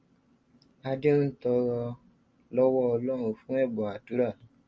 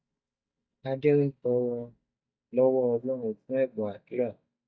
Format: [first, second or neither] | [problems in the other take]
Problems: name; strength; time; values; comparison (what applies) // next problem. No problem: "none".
first | noise reduction (neural mask model DeepFilterNet 3)